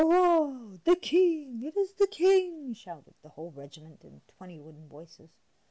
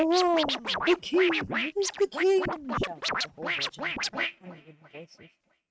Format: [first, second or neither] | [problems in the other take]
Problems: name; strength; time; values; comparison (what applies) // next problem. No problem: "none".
first | noise reduction (neural mask model RNNoise)